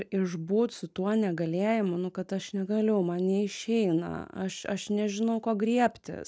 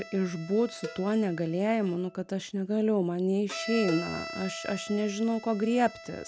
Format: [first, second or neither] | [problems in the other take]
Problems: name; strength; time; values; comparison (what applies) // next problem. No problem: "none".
first | background sound (Cowbell + Bowed string instrument); 13 dB below the speech